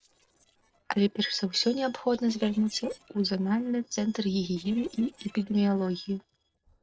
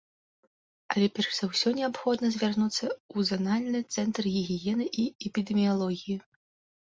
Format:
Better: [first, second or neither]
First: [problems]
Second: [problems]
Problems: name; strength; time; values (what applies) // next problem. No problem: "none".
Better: second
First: noise reduction (neural separator model SepFormer DNS4)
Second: none